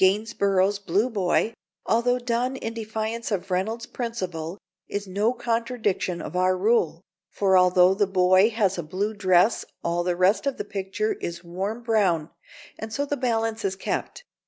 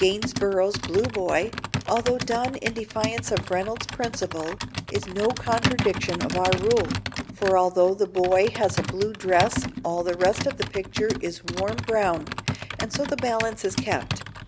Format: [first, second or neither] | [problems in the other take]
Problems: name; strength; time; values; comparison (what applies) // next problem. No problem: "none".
first | background sound (Computer keyboard); 6 dB below the speech